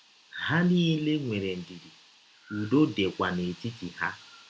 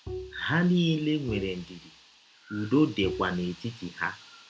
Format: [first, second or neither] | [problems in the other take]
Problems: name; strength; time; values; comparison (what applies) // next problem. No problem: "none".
first | background sound (Bowed string instrument); 13 dB below the speech